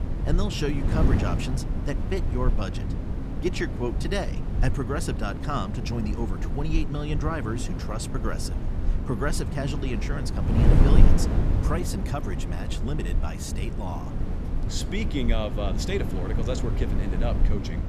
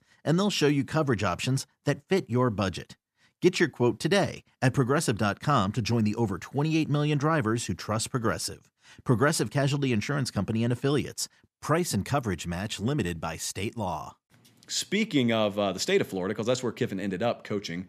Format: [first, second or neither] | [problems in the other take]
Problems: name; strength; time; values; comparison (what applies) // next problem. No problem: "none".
second | wind noise on the microphone; heavy; 4 dB below the speech